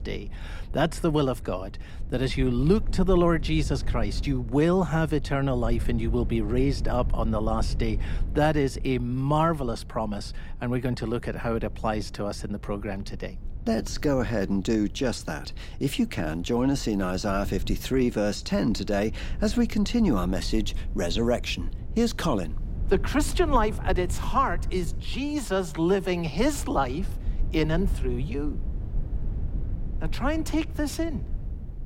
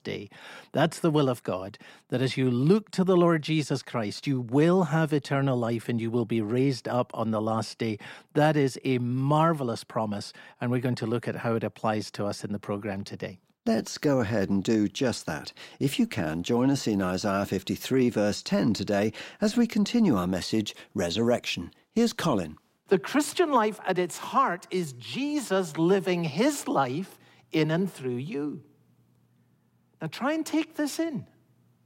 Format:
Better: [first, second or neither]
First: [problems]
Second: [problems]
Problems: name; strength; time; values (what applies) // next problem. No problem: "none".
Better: second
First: low rumble; faint; throughout; 20 dB below the speech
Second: none